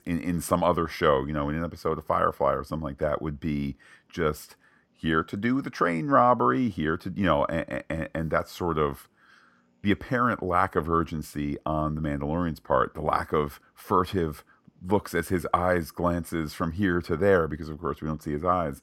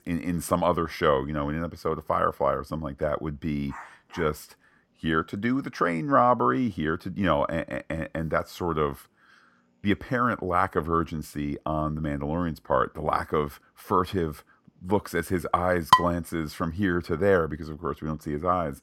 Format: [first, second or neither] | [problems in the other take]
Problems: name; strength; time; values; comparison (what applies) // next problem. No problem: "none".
first | dog barking; faint; at 3.5 s; peak 15 dB below the speech // clattering dishes; loud; at 16 s; peak 6 dB above the speech